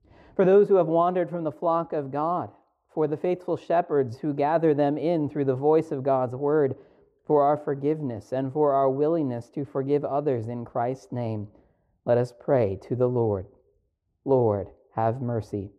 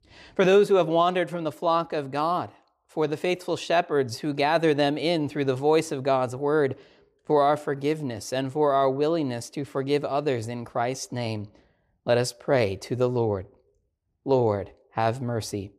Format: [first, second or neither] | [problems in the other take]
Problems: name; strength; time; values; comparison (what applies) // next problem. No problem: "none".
second | muffled; very; fading above 2 kHz